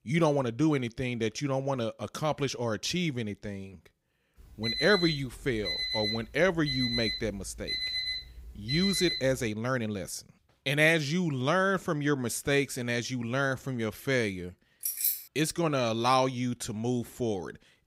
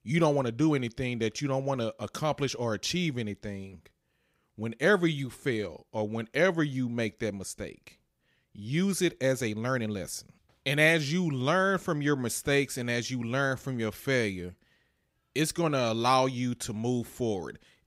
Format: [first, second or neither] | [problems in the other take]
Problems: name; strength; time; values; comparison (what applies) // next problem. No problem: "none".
second | alarm; loud; from 4.5 to 9.5 s; peak level with the speech // jangling keys; loud; at 15 s; peak 2 dB above the speech